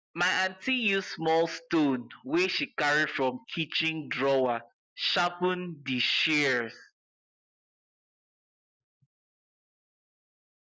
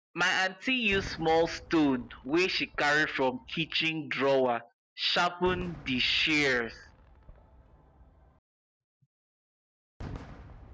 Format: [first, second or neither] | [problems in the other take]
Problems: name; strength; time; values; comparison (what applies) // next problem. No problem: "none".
first | background sound (Fireworks); 18 dB below the speech